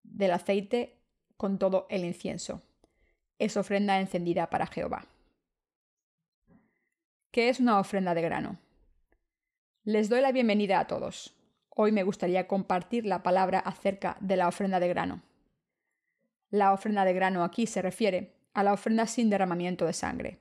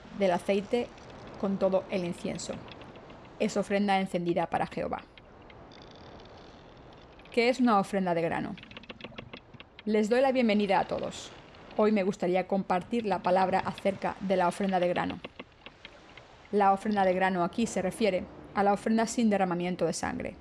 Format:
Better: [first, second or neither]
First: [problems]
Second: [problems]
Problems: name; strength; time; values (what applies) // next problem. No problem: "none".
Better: first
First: none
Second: train or aircraft noise; noticeable; throughout; 20 dB below the speech